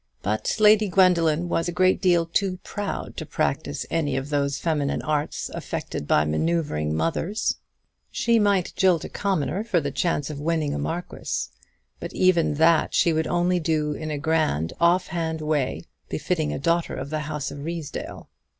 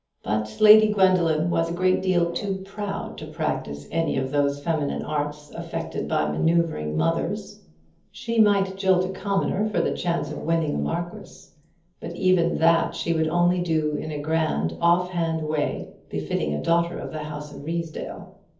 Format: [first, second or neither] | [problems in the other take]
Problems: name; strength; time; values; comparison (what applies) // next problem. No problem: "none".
first | background sound (Brass instrument); 20 dB below the speech // room echo; dies away in 0.7 s